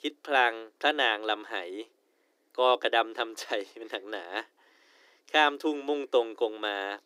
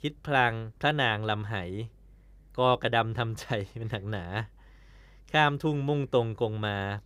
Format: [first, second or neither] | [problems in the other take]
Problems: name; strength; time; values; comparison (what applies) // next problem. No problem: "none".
second | thin; somewhat; fading below 300 Hz